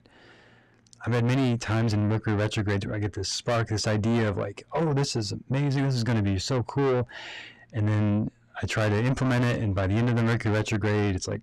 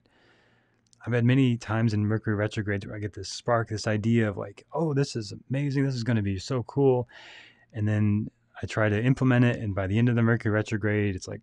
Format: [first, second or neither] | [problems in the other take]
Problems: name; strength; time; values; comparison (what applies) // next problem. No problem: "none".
second | distortion; heavy; 7 dB below the speech